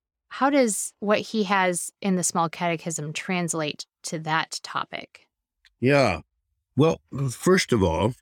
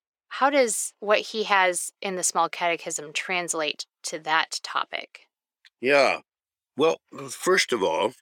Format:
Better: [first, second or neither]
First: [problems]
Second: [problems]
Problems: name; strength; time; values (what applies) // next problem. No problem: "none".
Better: first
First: none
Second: thin; somewhat; fading below 450 Hz